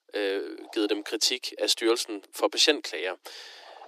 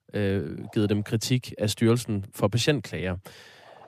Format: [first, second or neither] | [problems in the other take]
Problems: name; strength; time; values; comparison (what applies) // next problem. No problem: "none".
second | thin; very; fading below 300 Hz